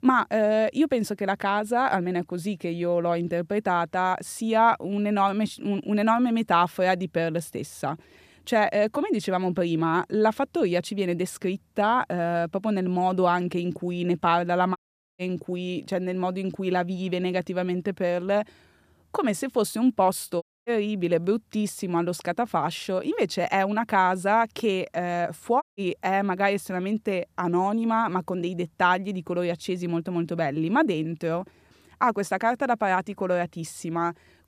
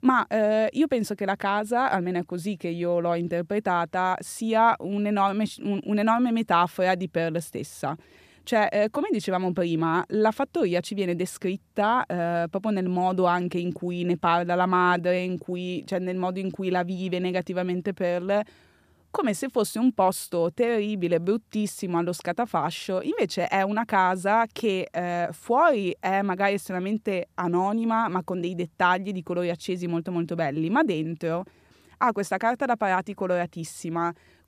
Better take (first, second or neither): second